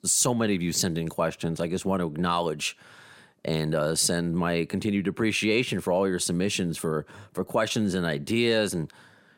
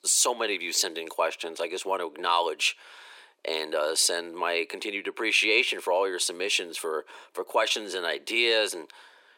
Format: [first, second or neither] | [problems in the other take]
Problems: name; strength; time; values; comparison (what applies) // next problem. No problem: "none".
first | thin; very; fading below 350 Hz